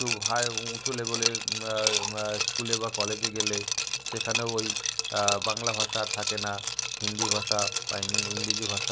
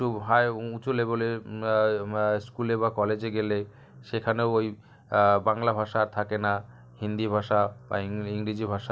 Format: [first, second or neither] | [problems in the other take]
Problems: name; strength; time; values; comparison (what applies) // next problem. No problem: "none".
second | background sound (Liquid); 3 dB above the speech